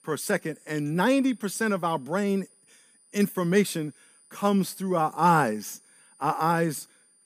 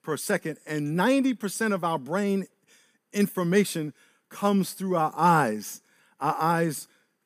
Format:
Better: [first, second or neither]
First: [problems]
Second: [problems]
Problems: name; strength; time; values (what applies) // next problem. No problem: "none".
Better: second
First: high-pitched whine; faint; throughout; 9.5 kHz, 30 dB below the speech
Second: none